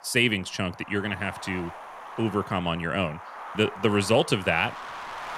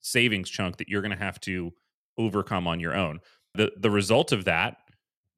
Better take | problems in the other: second | wind noise on the microphone; occasional gusts; 10 dB below the speech

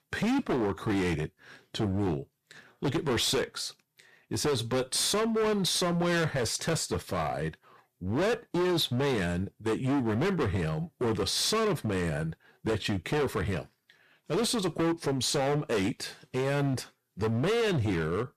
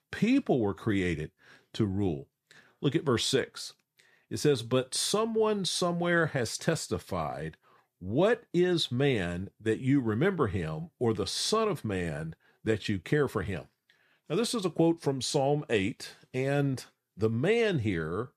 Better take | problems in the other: second | distortion; heavy; 20% of the sound clipped

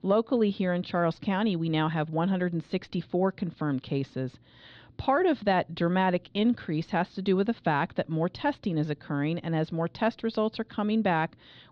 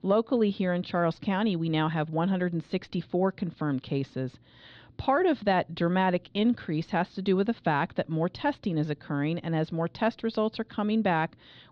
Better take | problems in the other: neither | muffled; slightly; fading above 4 kHz; the same in both

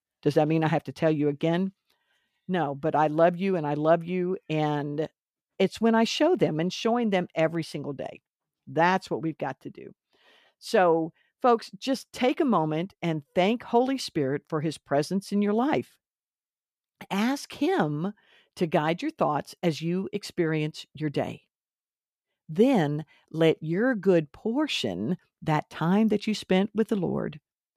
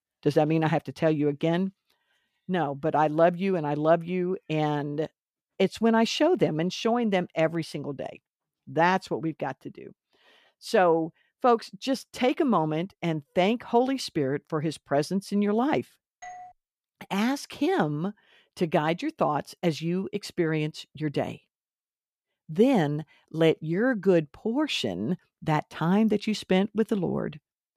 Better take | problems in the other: first | doorbell; faint; at 16 s; peak 15 dB below the speech

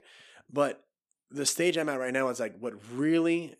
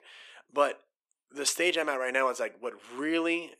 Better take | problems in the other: first | thin; somewhat; fading below 450 Hz

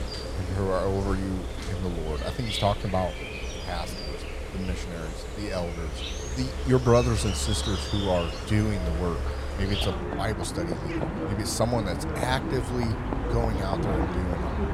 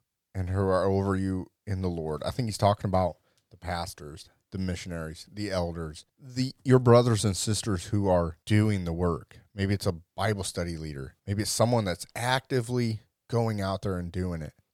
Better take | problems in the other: second | animal sounds; loud; throughout; 3 dB below the speech

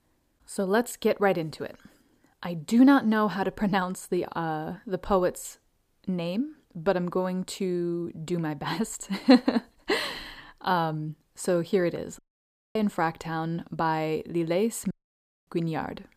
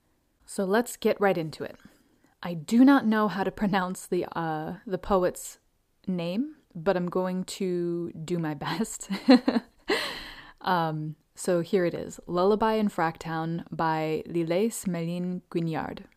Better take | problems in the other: second | audio cutting out; at 12 s for 0.5 s and at 15 s for 0.5 s

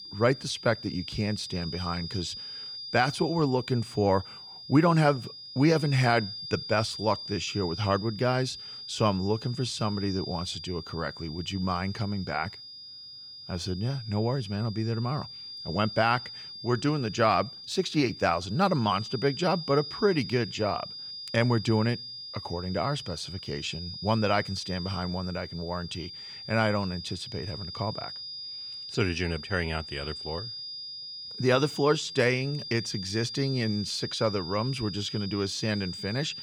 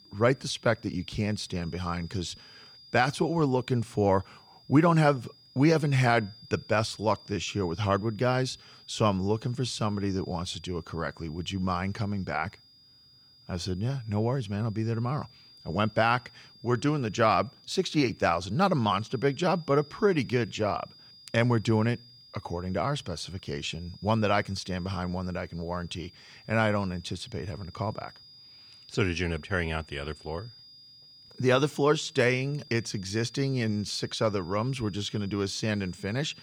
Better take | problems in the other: second | high-pitched whine; loud; throughout; 5 kHz, 9 dB below the speech; faint in the second

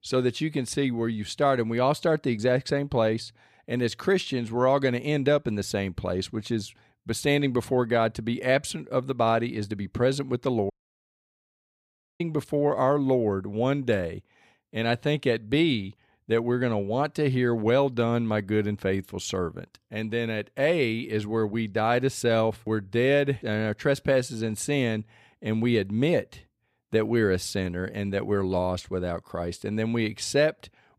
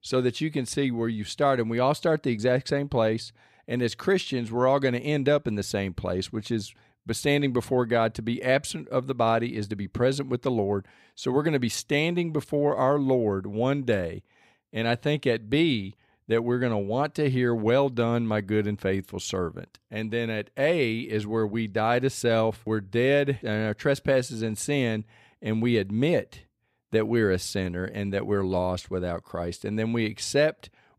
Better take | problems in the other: second | audio cutting out; at 11 s for 1.5 s

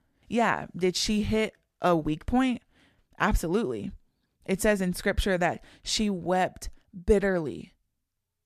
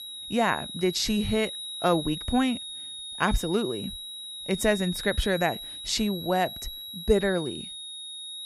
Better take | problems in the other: first | high-pitched whine; loud; throughout; 4 kHz, 8 dB below the speech

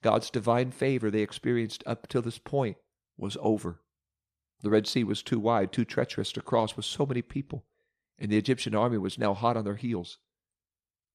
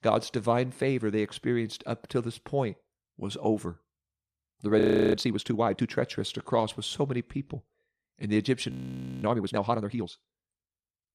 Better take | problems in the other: first | audio freezing; at 5 s and at 8.5 s for 0.5 s

